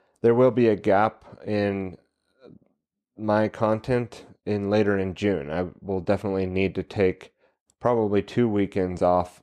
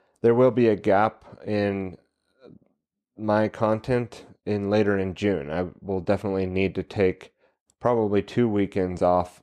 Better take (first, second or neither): neither